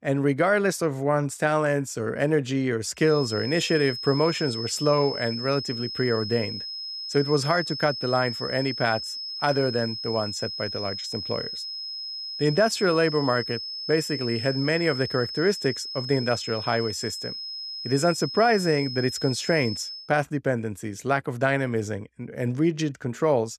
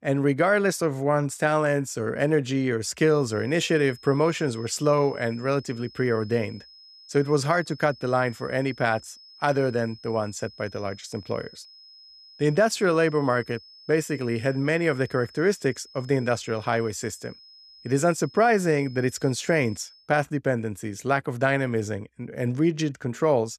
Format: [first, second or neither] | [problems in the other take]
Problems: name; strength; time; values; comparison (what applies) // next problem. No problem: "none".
second | high-pitched whine; loud; from 3 to 20 s; 5 kHz, 6 dB below the speech; faint in the second